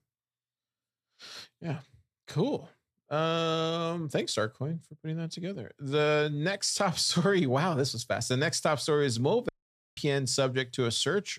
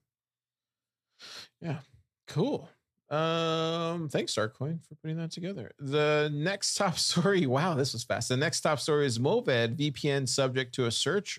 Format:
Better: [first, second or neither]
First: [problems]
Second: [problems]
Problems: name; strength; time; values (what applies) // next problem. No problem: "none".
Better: second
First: audio cutting out; at 9.5 s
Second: none